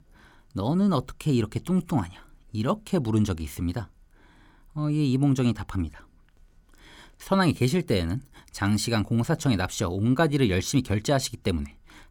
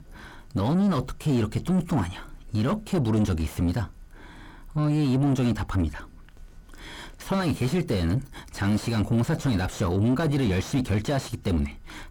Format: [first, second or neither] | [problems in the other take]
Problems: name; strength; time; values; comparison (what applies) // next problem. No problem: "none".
first | distortion; heavy; 7 dB below the speech